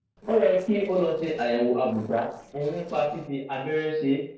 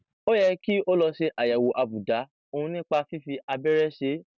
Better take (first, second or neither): second